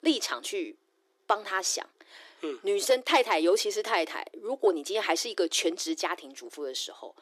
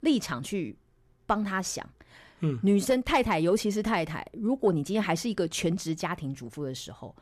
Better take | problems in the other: second | thin; very; fading below 300 Hz

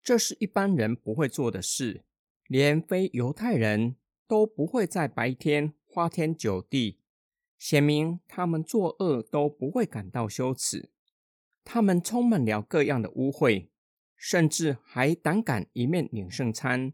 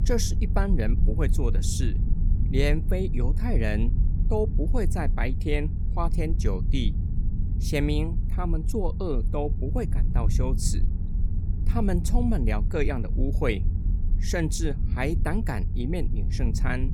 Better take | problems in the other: first | low rumble; noticeable; throughout; 10 dB below the speech

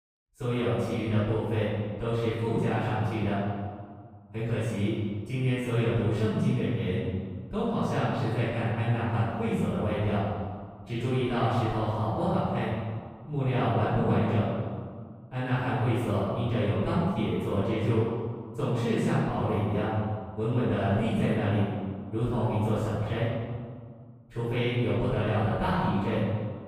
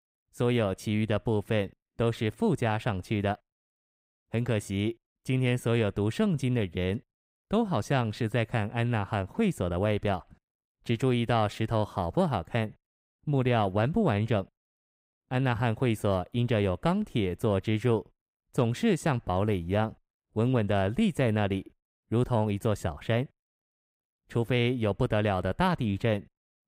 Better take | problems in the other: second | off-mic speech; far // room echo; strong; dies away in 1.7 s

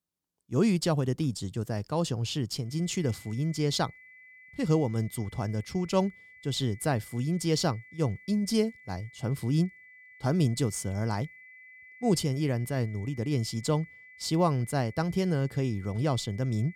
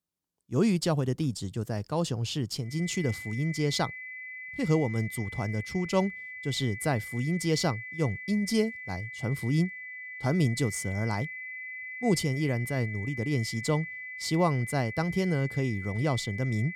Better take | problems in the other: first | high-pitched whine; loud; from 3 s on; 2 kHz, 9 dB below the speech; faint in the first

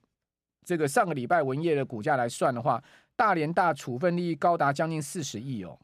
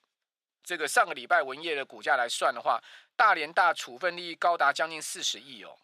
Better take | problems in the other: first | thin; very; fading below 700 Hz

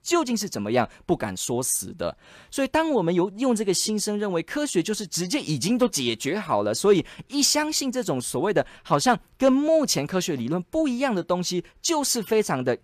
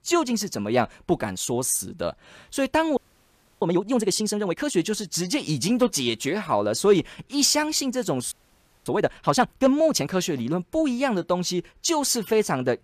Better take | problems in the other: first | audio freezing; at 3 s for 0.5 s and at 8.5 s for 0.5 s

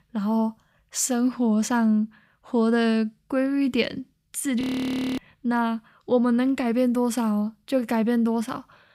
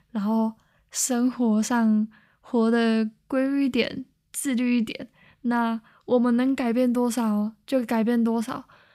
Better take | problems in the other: second | audio freezing; at 4.5 s for 0.5 s

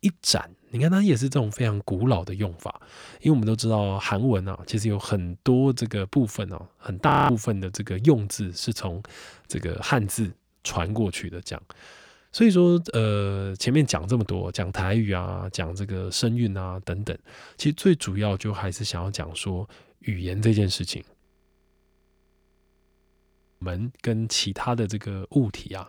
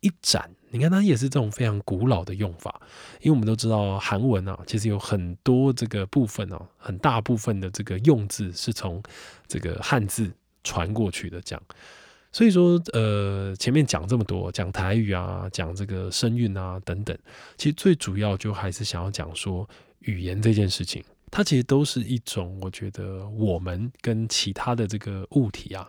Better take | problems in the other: second | audio freezing; at 7 s and at 21 s for 2.5 s

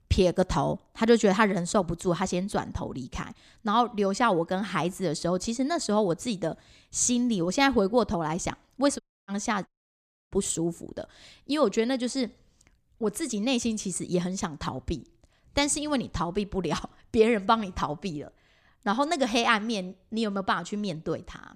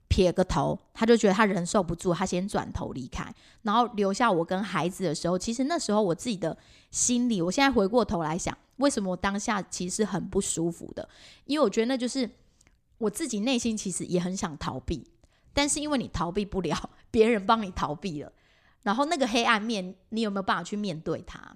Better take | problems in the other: second | audio cutting out; at 9 s and at 9.5 s for 0.5 s

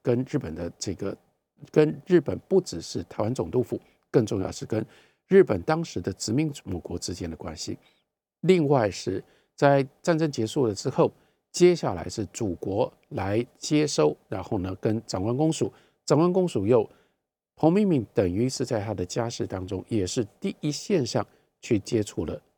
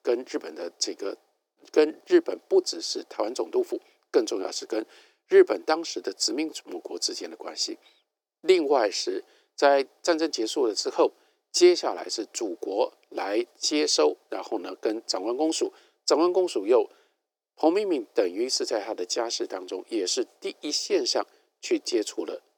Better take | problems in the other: first | thin; somewhat; fading below 350 Hz

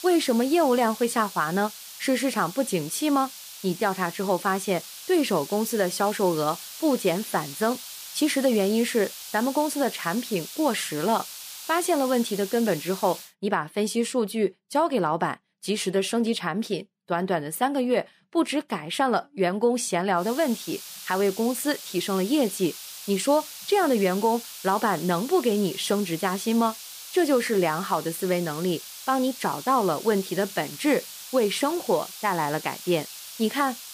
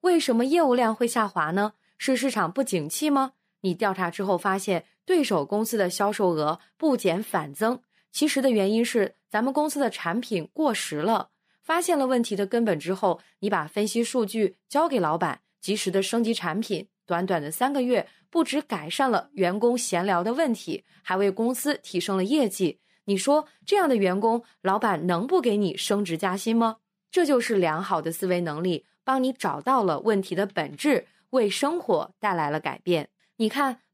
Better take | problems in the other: second | hiss; noticeable; until 13 s and from 20 s on; 10 dB below the speech

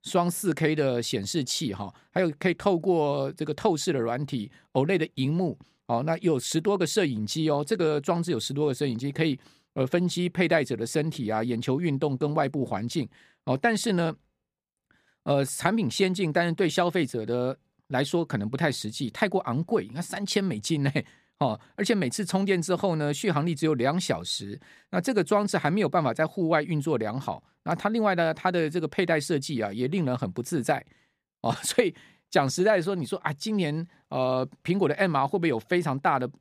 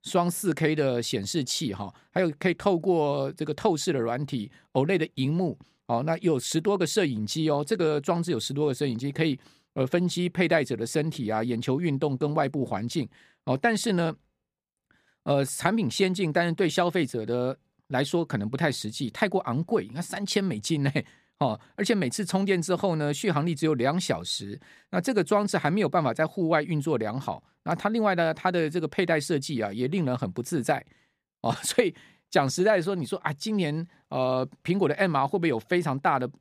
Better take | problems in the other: neither | none

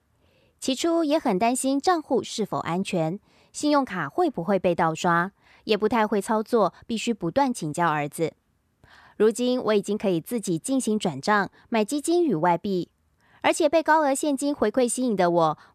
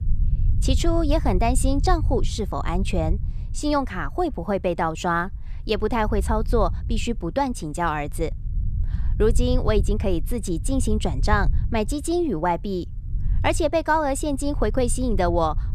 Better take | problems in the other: first | low rumble; faint; throughout; 20 dB below the speech

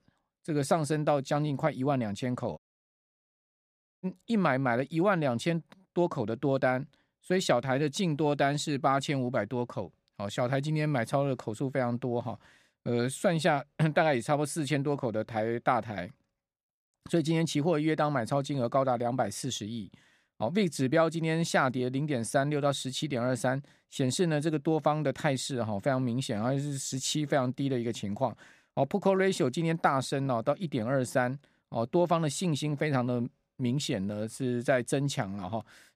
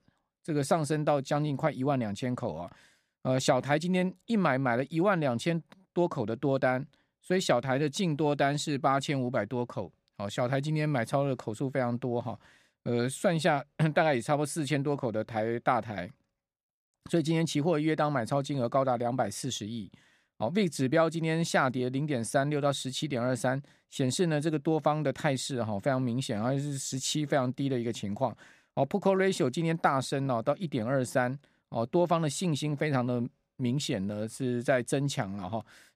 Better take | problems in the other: second | audio cutting out; at 2.5 s for 1.5 s

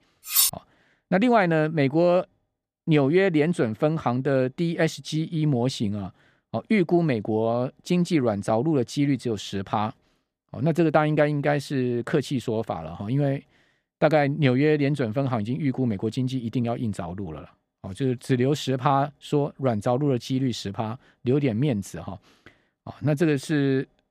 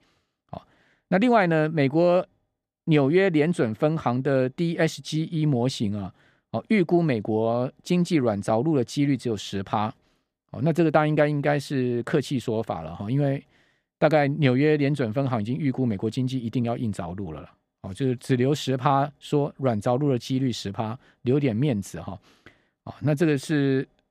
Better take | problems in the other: second | clattering dishes; loud; at 0.5 s; peak 4 dB above the speech

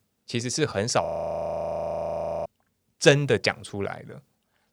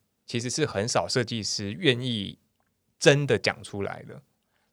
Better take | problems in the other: second | audio freezing; at 1 s for 1.5 s

